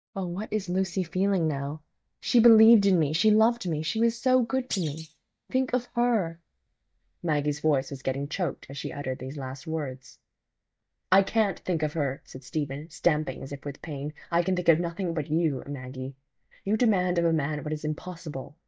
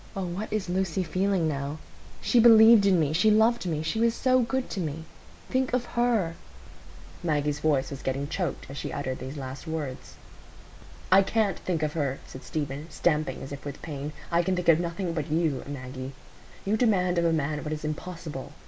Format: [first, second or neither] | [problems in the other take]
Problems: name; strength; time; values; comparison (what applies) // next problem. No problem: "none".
second | noise reduction (neural mask model DeepFilterNet 3)